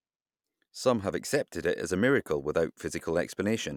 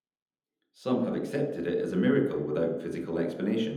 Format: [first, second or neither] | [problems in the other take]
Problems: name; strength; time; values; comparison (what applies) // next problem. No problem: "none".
first | room echo; dies away in 0.8 s